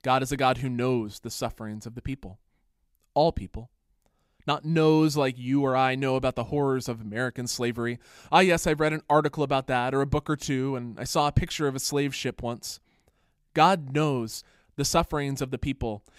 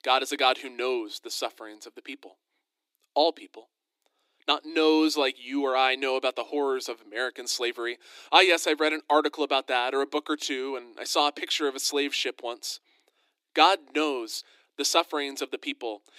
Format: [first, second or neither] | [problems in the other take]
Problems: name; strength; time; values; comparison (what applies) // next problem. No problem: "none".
first | thin; somewhat; fading below 300 Hz